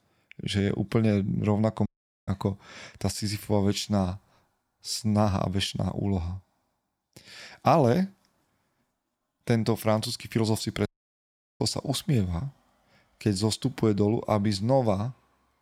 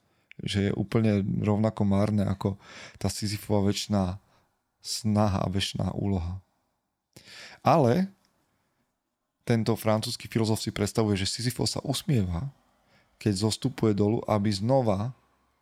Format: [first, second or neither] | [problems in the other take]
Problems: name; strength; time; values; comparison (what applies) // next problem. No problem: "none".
second | audio cutting out; at 2 s and at 11 s for 0.5 s